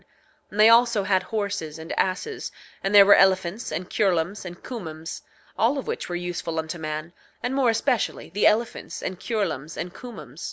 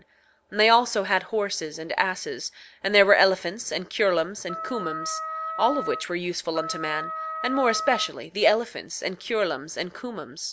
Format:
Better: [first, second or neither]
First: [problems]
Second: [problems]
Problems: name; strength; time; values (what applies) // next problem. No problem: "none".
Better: first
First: none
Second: background sound (Wind instrument, woodwind instrument); 7 dB below the speech